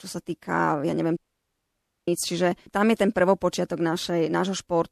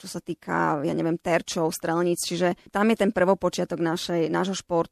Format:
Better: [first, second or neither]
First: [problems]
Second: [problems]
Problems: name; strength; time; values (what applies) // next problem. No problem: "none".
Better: second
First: audio cutting out; at 1 s for 1 s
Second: none